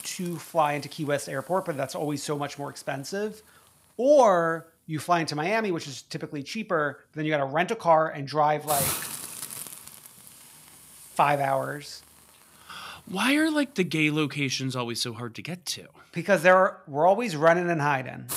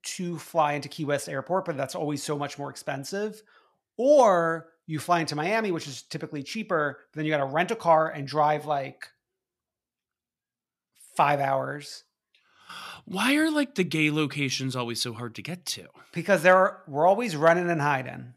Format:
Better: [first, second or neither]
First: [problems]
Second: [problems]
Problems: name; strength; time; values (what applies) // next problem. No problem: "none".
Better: second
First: hiss; noticeable; throughout; 10 dB below the speech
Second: none